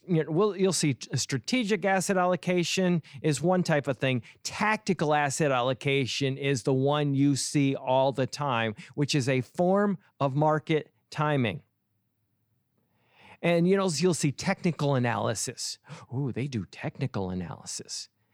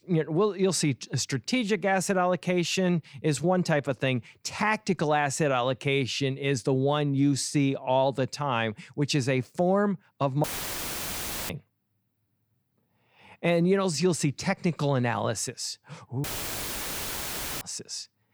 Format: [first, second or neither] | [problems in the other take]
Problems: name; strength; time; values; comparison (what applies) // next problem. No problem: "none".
first | audio cutting out; filled with static; at 10 s for 1 s and at 16 s for 1.5 s